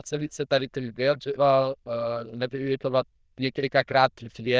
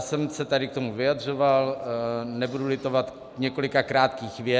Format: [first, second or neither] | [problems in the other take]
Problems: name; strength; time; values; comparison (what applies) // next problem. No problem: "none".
second | noise reduction (neural diffusion model UNIVERSE++)